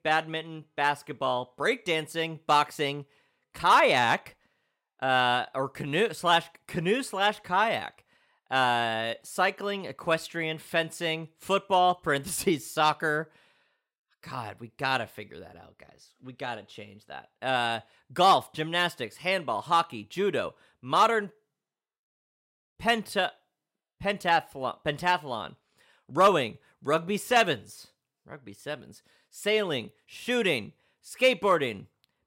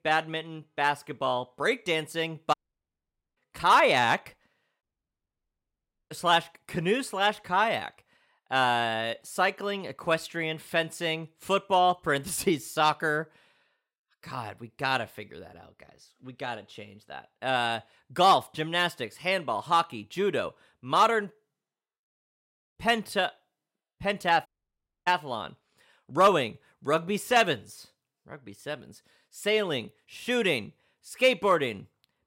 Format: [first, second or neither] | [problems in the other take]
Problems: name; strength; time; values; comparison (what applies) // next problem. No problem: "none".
first | audio cutting out; at 2.5 s for 1 s, at 5 s for 1.5 s and at 24 s for 0.5 s